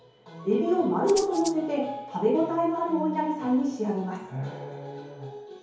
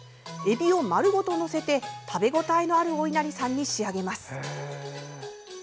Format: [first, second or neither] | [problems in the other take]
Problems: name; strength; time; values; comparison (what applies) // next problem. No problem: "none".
second | background sound (Rattle (instrument)); 12 dB below the speech // room echo; dies away in 2.2 s